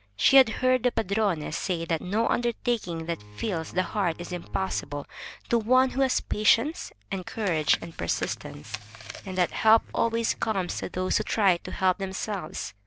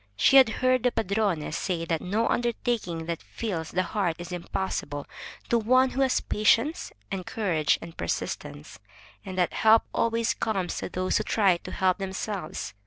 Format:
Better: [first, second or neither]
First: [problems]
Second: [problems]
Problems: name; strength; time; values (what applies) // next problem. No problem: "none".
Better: second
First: background sound (Chewing, mastication + Bowed string instrument); 16 dB below the speech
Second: none